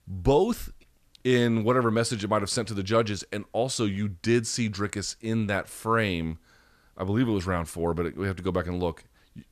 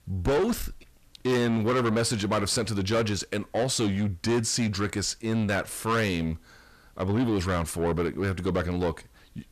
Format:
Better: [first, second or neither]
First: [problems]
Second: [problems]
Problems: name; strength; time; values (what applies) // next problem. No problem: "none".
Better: first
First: none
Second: distortion; heavy; 8 dB below the speech